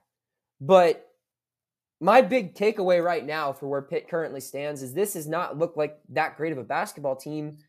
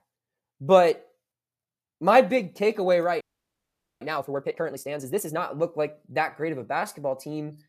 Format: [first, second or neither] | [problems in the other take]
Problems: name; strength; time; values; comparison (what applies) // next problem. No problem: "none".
first | audio freezing; at 3 s for 1 s